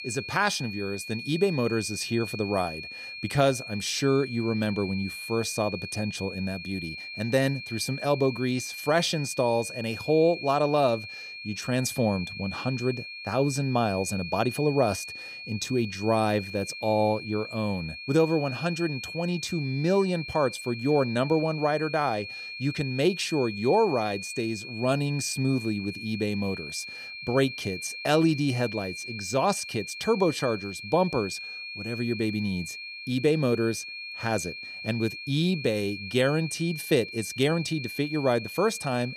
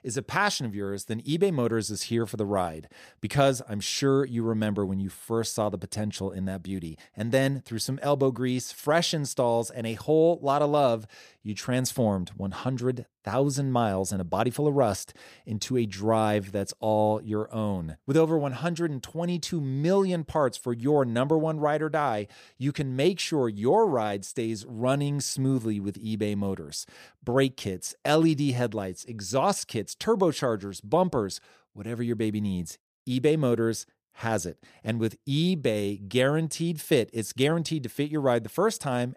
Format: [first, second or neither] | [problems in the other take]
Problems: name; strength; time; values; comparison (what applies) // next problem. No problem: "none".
second | high-pitched whine; loud; throughout; 2.5 kHz, 9 dB below the speech